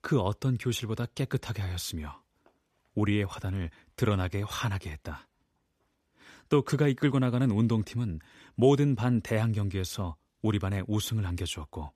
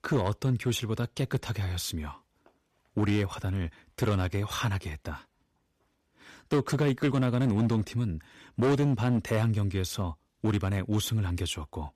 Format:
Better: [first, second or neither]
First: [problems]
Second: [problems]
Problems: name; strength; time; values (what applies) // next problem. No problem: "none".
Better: first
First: none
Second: distortion; slight; 7% of the sound clipped